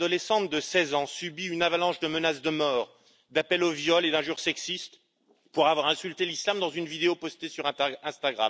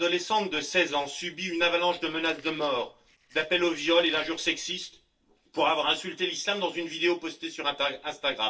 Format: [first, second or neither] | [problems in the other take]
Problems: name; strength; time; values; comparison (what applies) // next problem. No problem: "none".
first | noise reduction (neural separator model SepFormer DNS4)